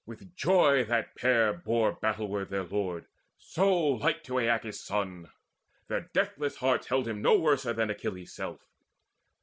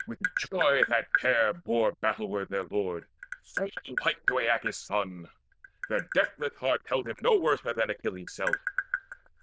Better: first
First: none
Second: noise reduction (neural diffusion model UNIVERSE++)

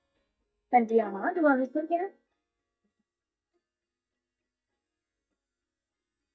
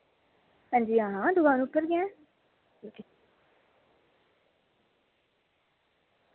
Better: second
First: noise reduction (neural mask model DeepFilterNet 3)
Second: none

